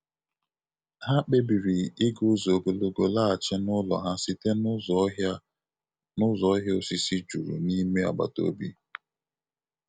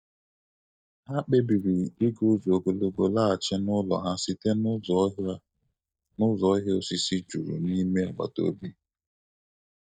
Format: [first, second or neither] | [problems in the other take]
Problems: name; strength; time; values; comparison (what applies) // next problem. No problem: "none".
first | noise reduction (neural mask model DeepFilterNet 3)